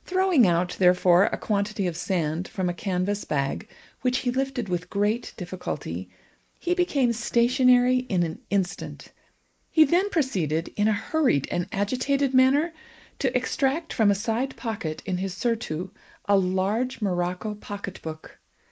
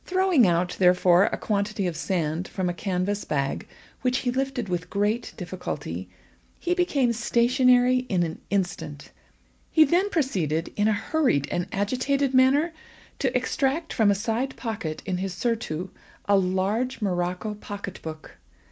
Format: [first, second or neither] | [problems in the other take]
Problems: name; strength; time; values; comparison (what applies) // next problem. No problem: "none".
second | noise reduction (neural mask model Resemble Enhance denoiser)